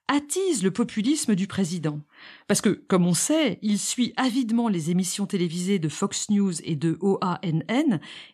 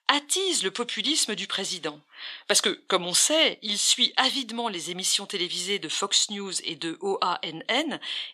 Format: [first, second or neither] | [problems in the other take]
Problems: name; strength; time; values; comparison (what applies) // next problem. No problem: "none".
first | thin; very; fading below 550 Hz